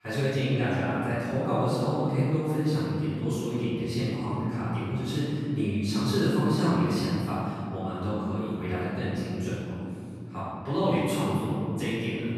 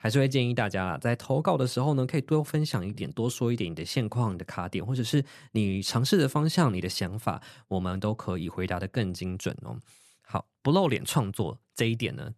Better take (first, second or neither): second